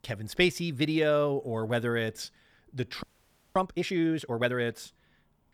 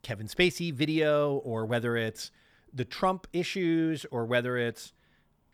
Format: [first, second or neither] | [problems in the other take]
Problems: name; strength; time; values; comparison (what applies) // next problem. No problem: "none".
second | audio freezing; at 3 s for 0.5 s